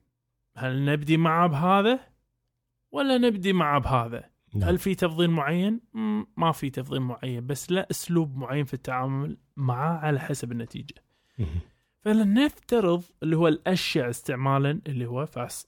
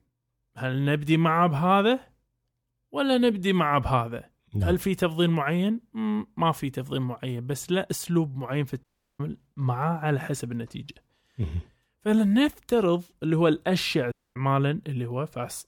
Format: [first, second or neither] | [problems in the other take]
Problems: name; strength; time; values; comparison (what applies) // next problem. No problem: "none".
first | audio cutting out; at 9 s and at 14 s